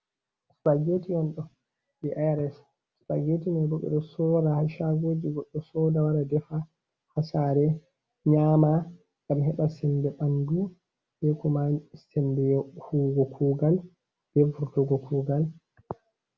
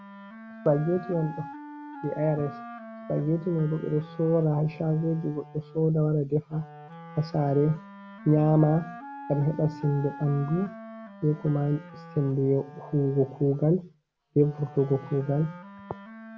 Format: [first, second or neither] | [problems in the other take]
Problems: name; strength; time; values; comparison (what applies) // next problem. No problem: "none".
first | background sound (Wind instrument, woodwind instrument); 16 dB below the speech